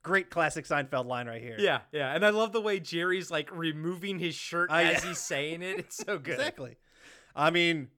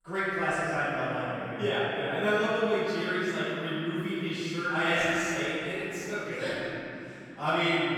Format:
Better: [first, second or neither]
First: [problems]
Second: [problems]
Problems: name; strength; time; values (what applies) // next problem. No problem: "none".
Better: first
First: none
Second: room echo; strong; dies away in 3 s // off-mic speech; far